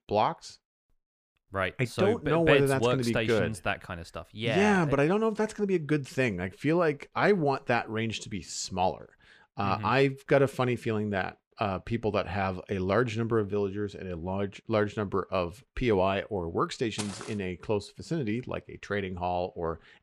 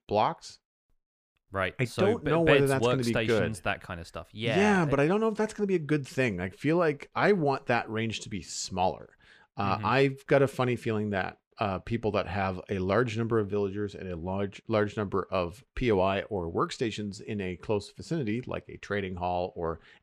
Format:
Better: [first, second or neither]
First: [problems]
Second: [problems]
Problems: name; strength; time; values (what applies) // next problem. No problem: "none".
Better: second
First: footsteps; noticeable; at 17 s; peak 10 dB below the speech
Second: none